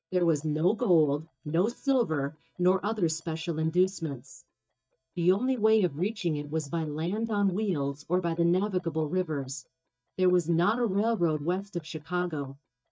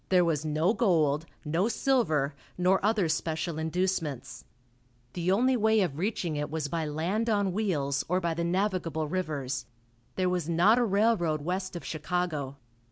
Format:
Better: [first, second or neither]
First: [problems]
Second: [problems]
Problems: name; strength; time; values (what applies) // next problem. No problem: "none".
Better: second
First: noise reduction (neural mask model DeepFilterNet 3)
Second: none